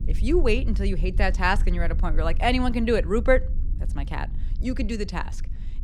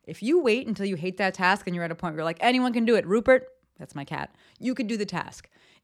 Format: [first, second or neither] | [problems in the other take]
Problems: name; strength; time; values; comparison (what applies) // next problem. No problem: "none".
second | low rumble; faint; throughout; 20 dB below the speech